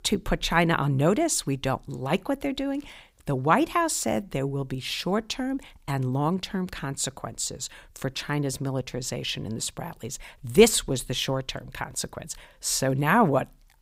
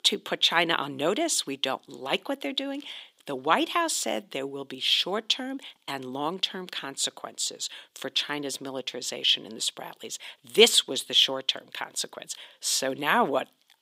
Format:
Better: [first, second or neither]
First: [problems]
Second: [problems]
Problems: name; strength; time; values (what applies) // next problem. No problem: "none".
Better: first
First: none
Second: thin; somewhat; fading below 300 Hz